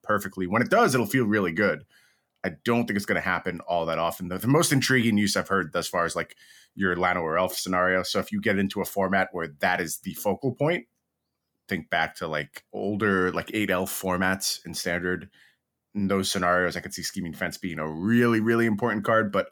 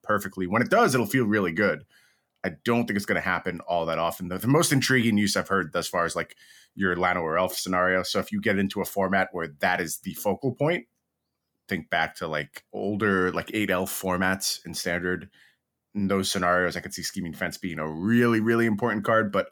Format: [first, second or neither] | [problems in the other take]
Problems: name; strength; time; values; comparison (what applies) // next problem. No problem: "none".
neither | none